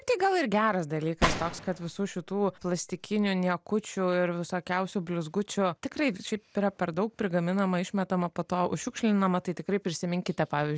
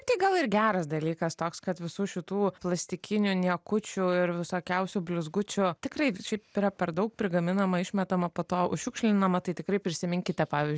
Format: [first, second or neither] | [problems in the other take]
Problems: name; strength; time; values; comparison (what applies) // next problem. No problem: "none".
second | background sound (Gunshot, gunfire); 6 dB below the speech